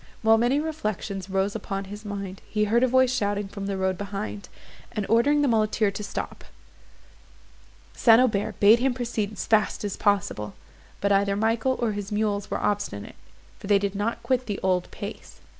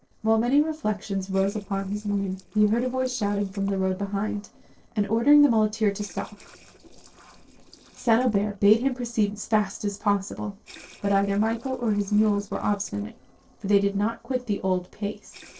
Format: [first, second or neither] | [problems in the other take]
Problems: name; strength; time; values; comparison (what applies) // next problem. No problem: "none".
first | noise reduction (neural separator model SepFormer DNS4)